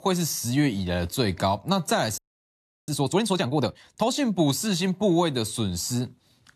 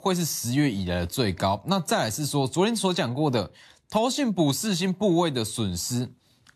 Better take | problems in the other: second | audio freezing; at 2 s for 0.5 s

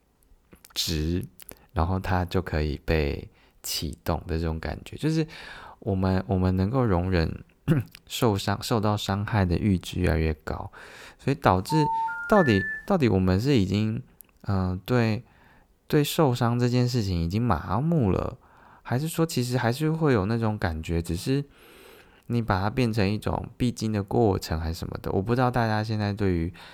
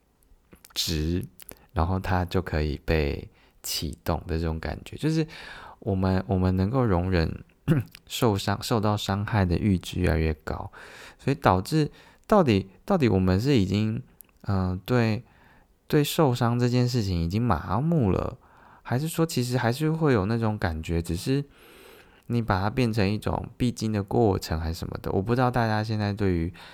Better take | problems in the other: second | phone ringing; noticeable; from 12 to 13 s; peak 1 dB below the speech

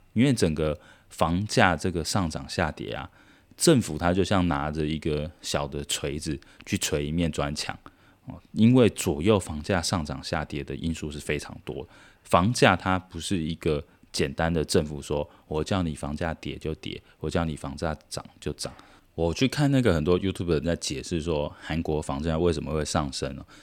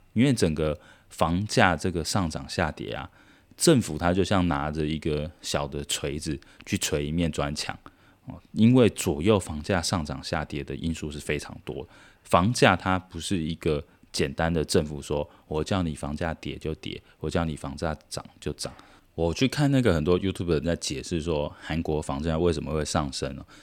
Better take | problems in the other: neither | none

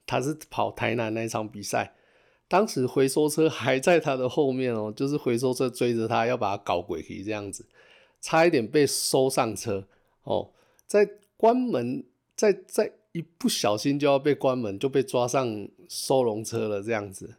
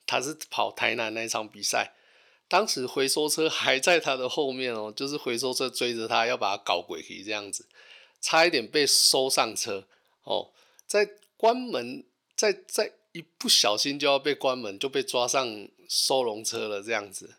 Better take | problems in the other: first | thin; very slightly; fading below 800 Hz

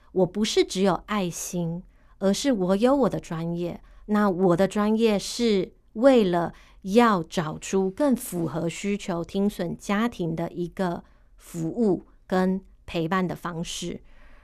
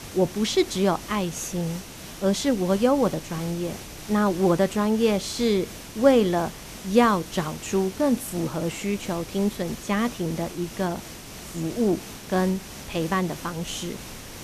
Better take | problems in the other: first | hiss; noticeable; throughout; 15 dB below the speech

